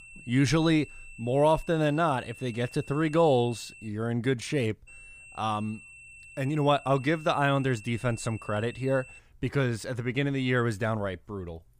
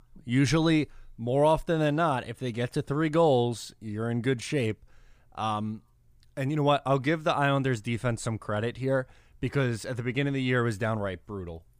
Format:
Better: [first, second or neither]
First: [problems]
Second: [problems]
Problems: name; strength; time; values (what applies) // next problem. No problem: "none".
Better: second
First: high-pitched whine; noticeable; until 4 s and from 5 to 9 s; 2.5 kHz, 20 dB below the speech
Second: none